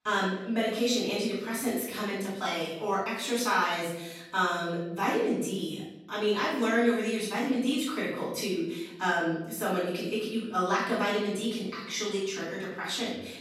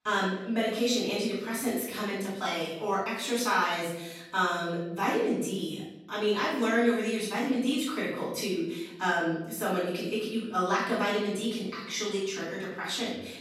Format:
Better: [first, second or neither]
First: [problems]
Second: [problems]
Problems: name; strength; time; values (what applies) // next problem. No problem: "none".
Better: neither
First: off-mic speech; far // room echo; noticeable; dies away in 0.8 s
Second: off-mic speech; far // room echo; noticeable; dies away in 0.8 s